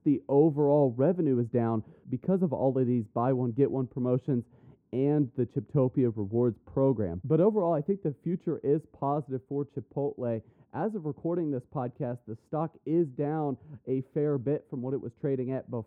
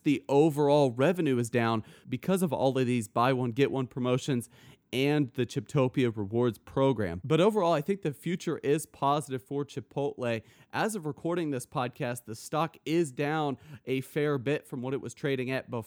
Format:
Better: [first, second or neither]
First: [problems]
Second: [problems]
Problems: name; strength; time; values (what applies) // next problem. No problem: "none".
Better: second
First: muffled; very; fading above 2 kHz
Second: none